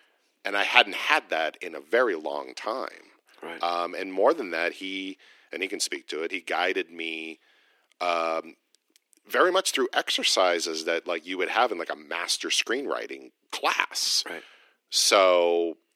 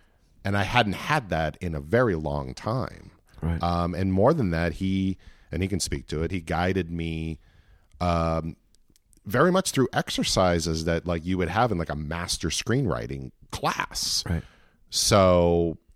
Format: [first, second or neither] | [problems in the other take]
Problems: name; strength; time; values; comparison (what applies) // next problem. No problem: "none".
second | thin; very; fading below 300 Hz